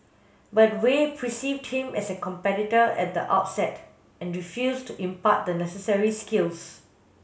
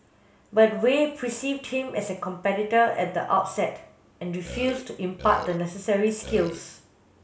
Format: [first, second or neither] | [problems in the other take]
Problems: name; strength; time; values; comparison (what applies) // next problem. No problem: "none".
first | background sound (Burping, eructation); 11 dB below the speech